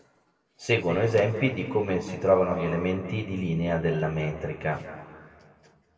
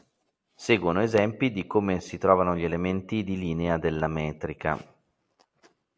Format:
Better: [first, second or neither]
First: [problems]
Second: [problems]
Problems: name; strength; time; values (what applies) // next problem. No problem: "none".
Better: second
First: room echo; dies away in 2.3 s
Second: none